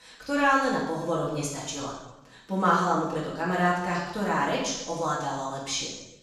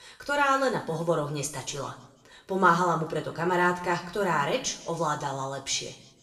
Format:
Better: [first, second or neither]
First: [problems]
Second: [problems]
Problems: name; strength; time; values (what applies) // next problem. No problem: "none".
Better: second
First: room echo; strong; dies away in 0.9 s // off-mic speech; far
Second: room echo; slight; dies away in 0.8 s // off-mic speech; somewhat distant